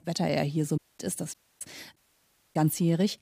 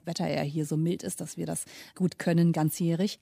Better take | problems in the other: second | audio cutting out; at 1 s, at 1.5 s and at 2 s for 0.5 s

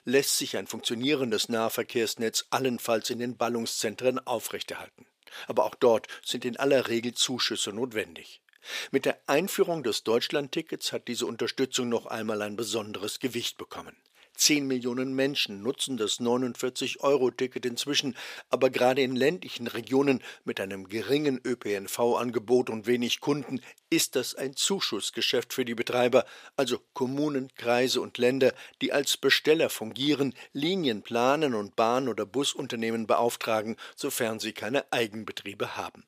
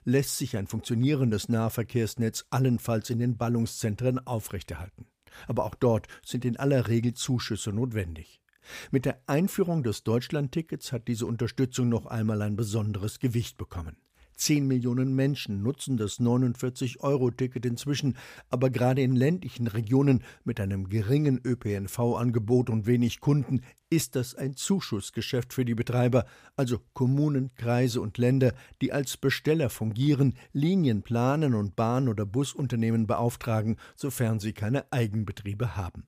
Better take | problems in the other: second | thin; somewhat; fading below 400 Hz

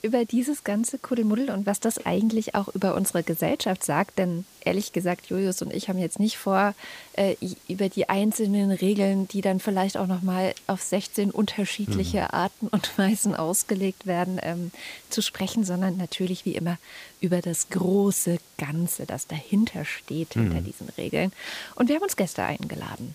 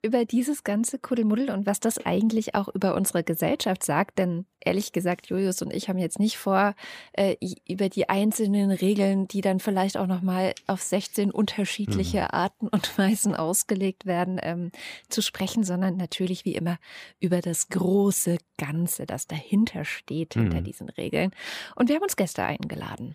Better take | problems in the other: second | hiss; faint; throughout; 25 dB below the speech

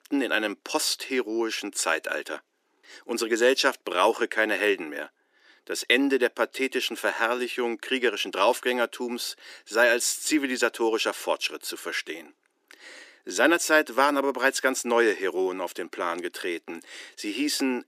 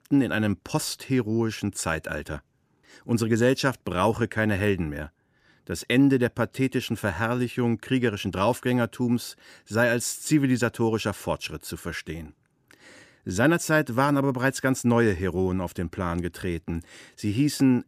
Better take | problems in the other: second | thin; somewhat; fading below 300 Hz

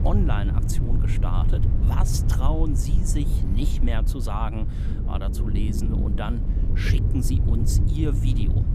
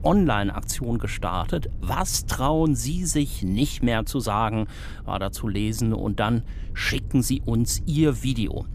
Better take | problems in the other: second | low rumble; loud; throughout; 4 dB below the speech; faint in the second

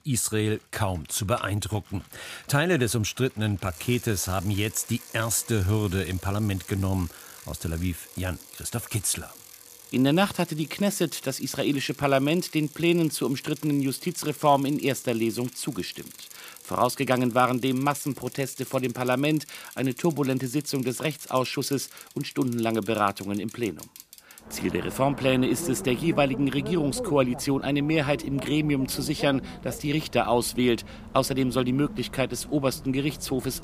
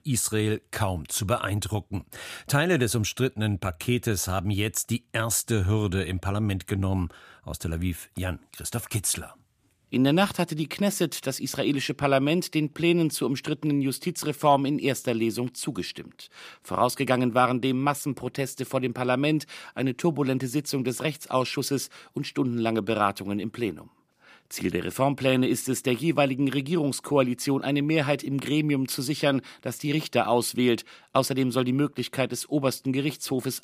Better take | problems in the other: second | traffic noise; noticeable; throughout; 15 dB below the speech

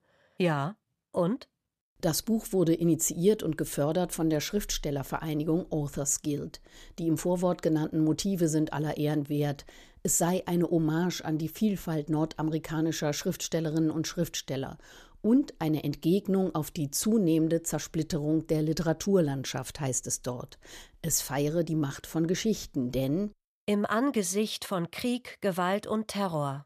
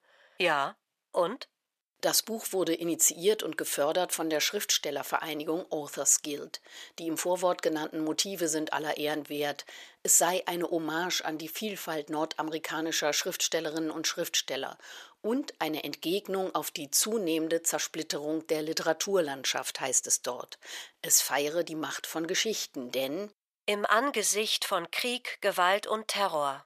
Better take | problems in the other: first | thin; very; fading below 550 Hz

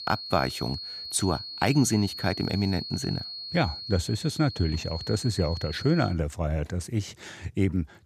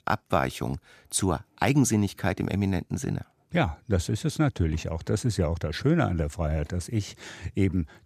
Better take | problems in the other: second | high-pitched whine; loud; until 6 s; 4.5 kHz, 8 dB below the speech

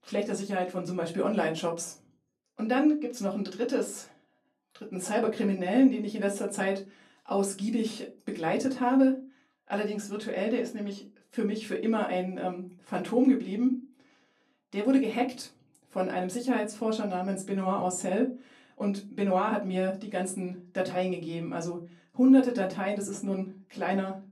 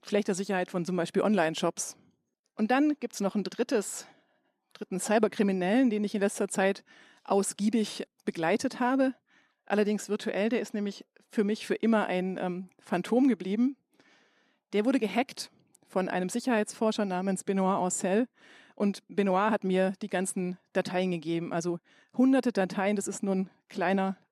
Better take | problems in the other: second | off-mic speech; far // room echo; very slight; dies away in 0.3 s

